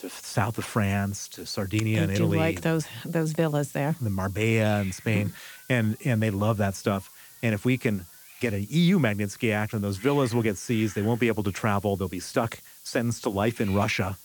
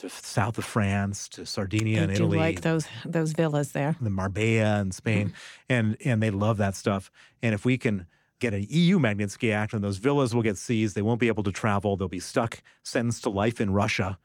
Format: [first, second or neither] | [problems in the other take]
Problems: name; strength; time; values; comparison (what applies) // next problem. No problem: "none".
second | hiss; noticeable; throughout; 20 dB below the speech